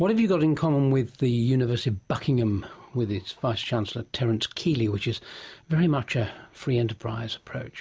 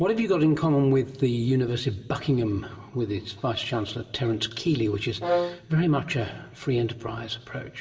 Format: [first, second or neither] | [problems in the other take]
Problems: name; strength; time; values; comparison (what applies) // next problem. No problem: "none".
first | background sound (Brass instrument); 4 dB below the speech // room echo; dies away in 2.3 s